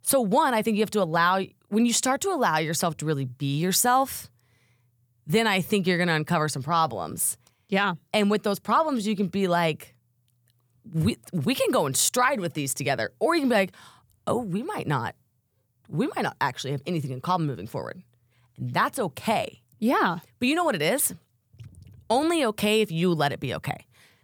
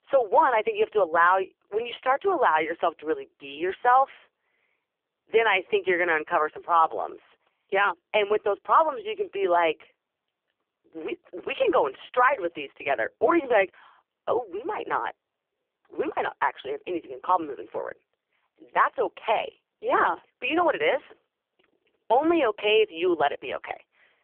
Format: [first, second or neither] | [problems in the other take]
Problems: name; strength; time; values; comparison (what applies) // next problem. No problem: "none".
first | phone-call audio; poor line; nothing above 3 kHz